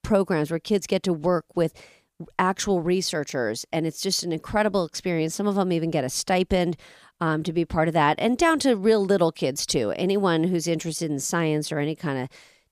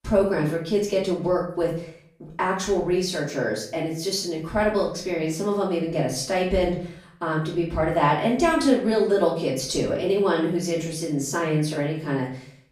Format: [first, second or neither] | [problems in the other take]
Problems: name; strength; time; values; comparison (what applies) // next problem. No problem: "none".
first | room echo; slight; dies away in 0.5 s // off-mic speech; far